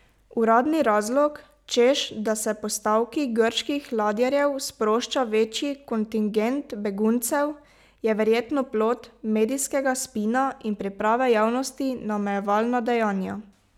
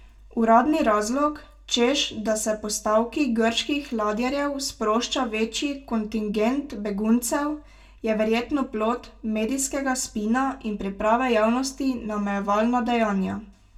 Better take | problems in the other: first | room echo; dies away in 0.2 s

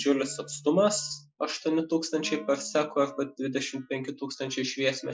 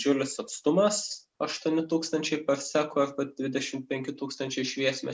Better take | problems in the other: second | noise reduction (classical method Wiener filter)

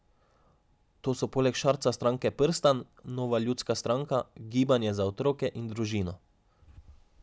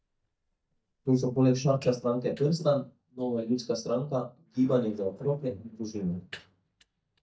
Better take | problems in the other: first | noise reduction (neural mask model DeepFilterNet 3)

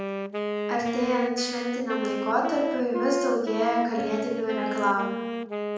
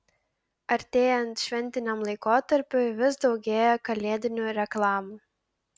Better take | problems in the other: second | background sound (Wind instrument, woodwind instrument); 4 dB below the speech // room echo; dies away in 0.9 s

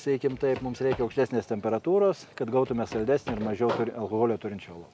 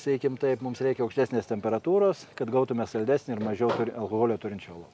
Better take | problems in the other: second | background sound (Run); 15 dB below the speech

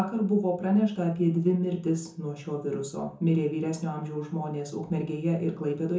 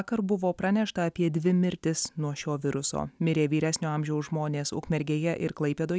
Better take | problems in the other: second | room echo; dies away in 0.6 s

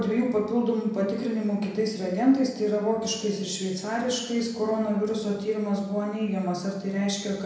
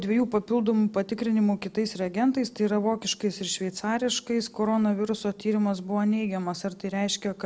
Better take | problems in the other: second | room echo; dies away in 0.9 s

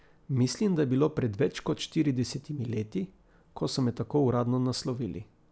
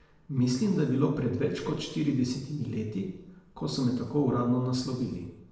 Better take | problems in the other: first | room echo; dies away in 0.9 s

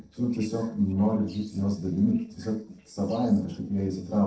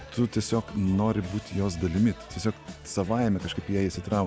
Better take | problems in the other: second | noise reduction (neural separator model SepFormer DNS4)

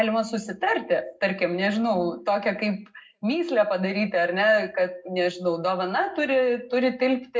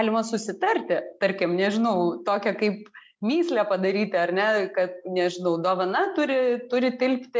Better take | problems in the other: second | room echo; dies away in 0.3 s

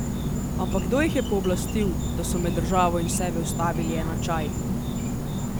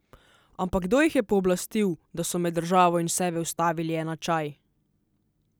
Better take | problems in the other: second | background sound (Insect); 1 dB above the speech

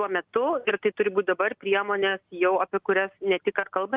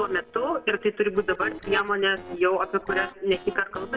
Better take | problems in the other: first | noise reduction (neural separator model SepFormer DNS4)

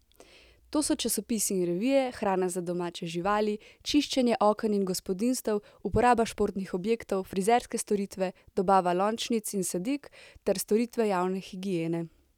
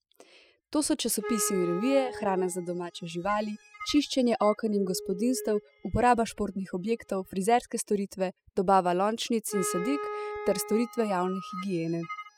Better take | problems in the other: first | noise reduction (classical method spectral subtraction)

